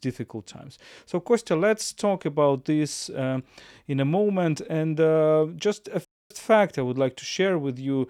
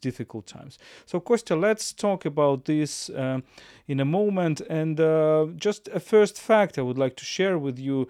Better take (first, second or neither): second